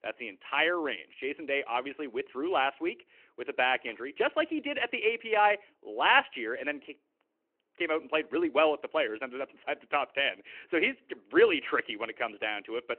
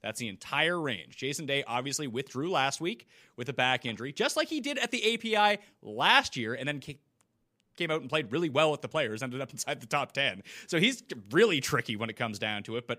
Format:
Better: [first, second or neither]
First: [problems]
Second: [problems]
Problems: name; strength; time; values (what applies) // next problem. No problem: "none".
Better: second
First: phone-call audio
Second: none